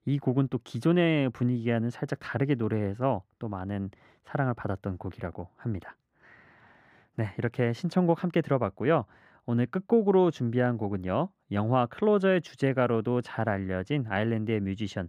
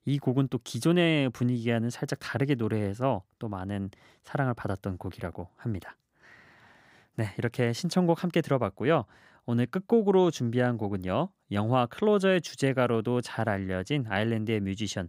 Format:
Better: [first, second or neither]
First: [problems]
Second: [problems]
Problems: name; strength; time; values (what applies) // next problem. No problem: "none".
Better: second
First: muffled; slightly; fading above 3.5 kHz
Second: none